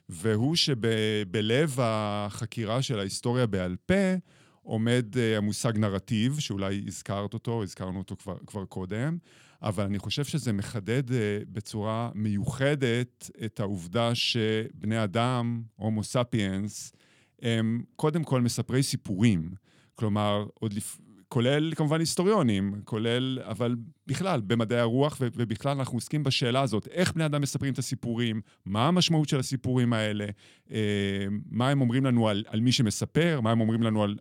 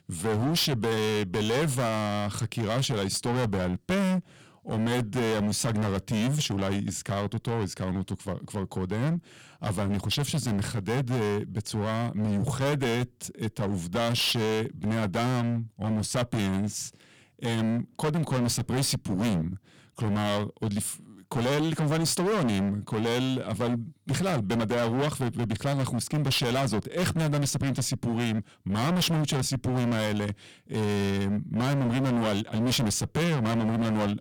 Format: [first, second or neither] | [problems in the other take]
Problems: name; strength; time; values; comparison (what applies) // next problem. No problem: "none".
first | distortion; heavy; 24% of the sound clipped